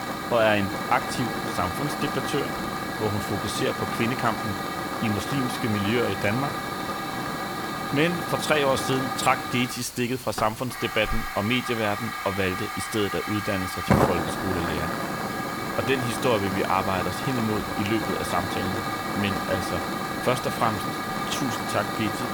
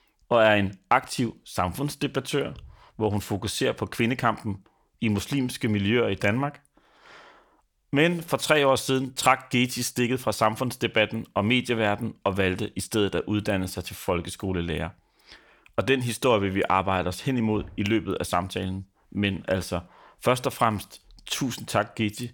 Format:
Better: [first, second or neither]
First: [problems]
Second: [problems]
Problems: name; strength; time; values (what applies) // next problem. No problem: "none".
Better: second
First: hiss; loud; throughout; 2 dB below the speech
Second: none